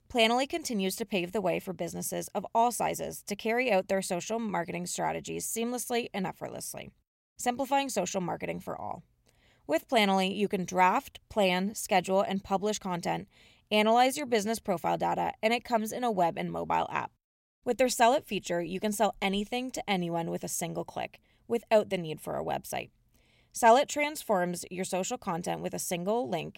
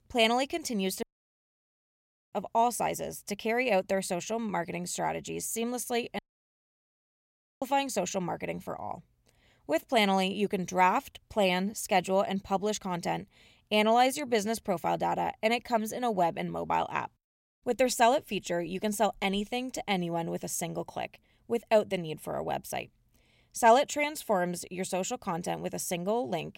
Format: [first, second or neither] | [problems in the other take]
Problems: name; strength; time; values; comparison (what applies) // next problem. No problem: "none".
first | audio cutting out; at 1 s for 1.5 s and at 6 s for 1.5 s